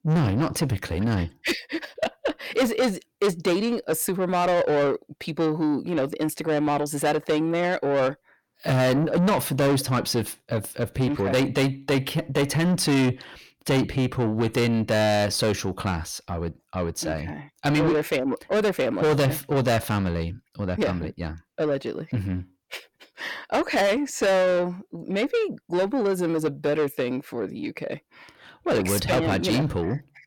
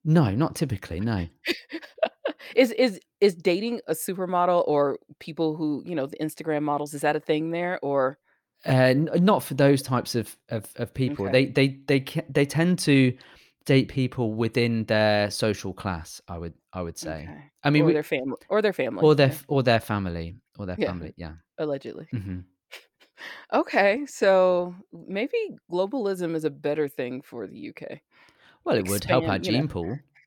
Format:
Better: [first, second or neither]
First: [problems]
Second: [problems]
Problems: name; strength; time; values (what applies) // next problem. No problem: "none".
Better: second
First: distortion; heavy; 7 dB below the speech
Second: none